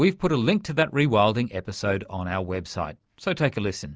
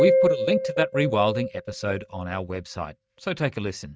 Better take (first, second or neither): first